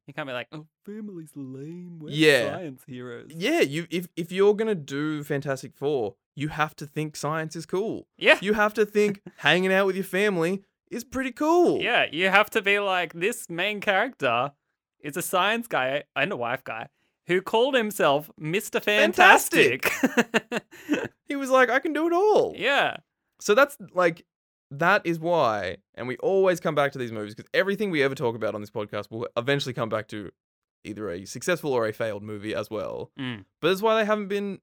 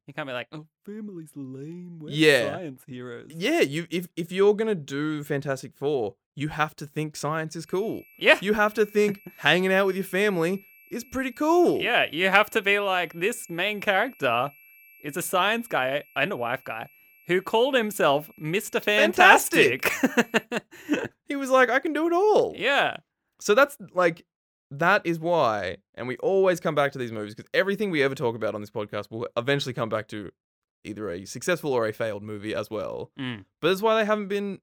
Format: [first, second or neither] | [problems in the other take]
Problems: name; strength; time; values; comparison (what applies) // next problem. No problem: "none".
first | high-pitched whine; faint; from 7.5 to 20 s; 2.5 kHz, 30 dB below the speech